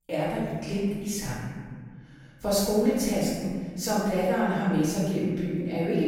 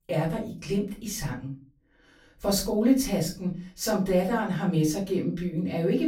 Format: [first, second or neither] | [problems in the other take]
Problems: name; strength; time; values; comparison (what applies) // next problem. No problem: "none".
second | room echo; strong; dies away in 1.6 s; slight in the second // off-mic speech; far; far in the second